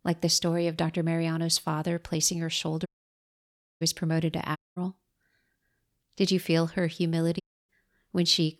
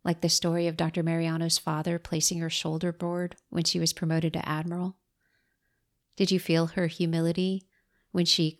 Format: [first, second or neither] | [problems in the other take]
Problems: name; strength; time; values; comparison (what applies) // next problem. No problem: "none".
second | audio cutting out; at 3 s for 1 s, at 4.5 s and at 7.5 s